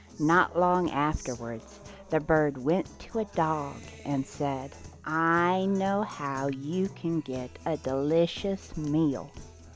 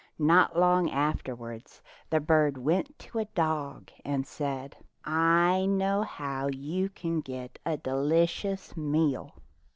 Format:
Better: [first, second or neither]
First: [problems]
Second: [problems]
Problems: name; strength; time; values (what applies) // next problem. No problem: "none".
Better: second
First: background sound (Guitar); 19 dB below the speech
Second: none